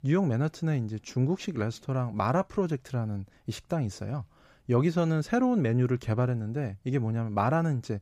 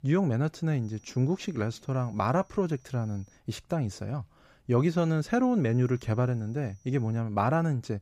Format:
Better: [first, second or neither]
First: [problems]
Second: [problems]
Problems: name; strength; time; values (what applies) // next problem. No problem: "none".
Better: first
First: none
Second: high-pitched whine; faint; from 1 to 3.5 s and from 5 to 7 s; 6 kHz, 35 dB below the speech